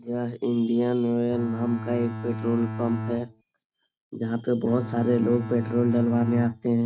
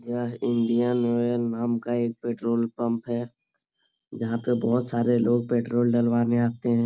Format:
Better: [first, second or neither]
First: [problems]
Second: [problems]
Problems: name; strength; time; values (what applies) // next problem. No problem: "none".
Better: second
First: noise reduction (neural mask model RNNoise)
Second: none